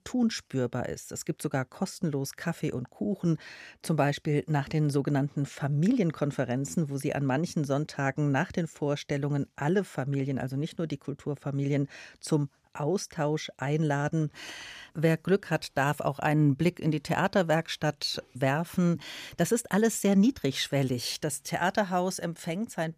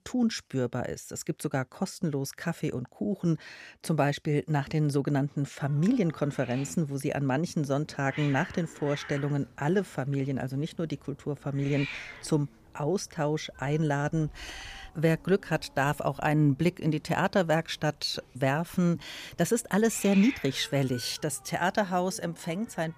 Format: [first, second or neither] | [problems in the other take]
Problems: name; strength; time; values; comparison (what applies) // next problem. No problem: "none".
first | hiss; noticeable; from 5.5 s on; 15 dB below the speech